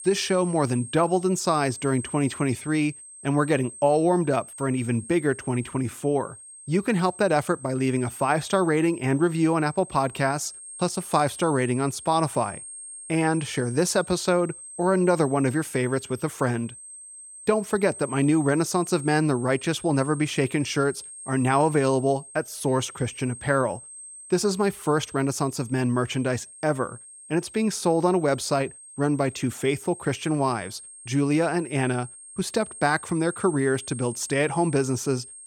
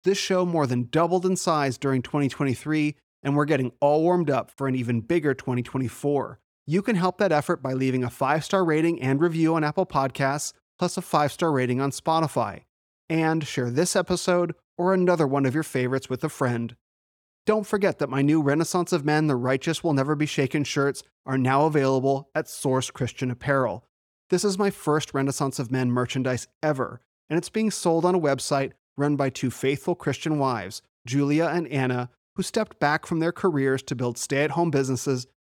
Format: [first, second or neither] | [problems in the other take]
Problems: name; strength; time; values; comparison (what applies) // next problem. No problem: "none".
second | high-pitched whine; noticeable; throughout; 8.5 kHz, 15 dB below the speech